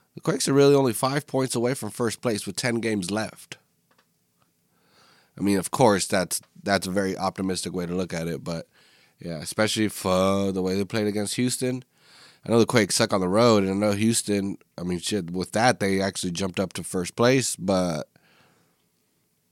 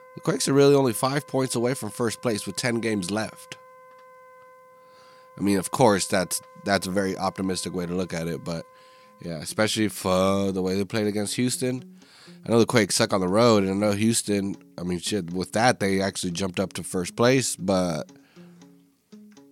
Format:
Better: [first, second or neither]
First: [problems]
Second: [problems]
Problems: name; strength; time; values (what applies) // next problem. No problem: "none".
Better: first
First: none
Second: background music; faint; throughout; 25 dB below the speech